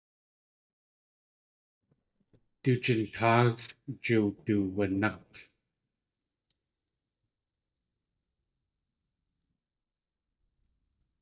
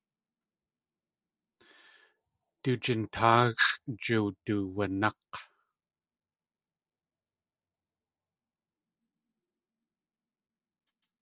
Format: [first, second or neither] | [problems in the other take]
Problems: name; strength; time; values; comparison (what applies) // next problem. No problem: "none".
second | noise reduction (neural mask model DeepFilterNet 3)